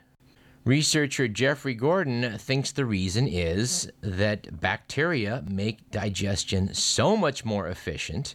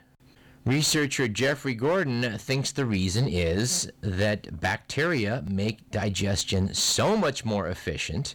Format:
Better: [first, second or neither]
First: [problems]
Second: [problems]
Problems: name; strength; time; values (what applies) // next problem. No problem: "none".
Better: first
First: none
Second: distortion; slight; 8% of the sound clipped